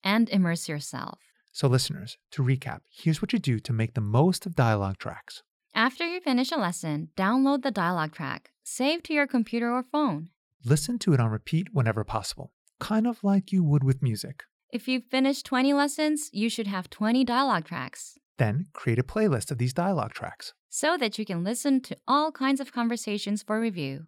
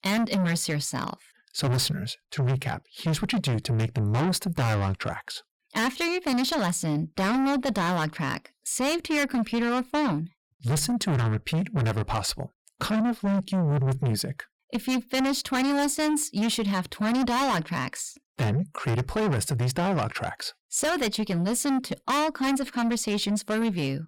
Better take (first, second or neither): first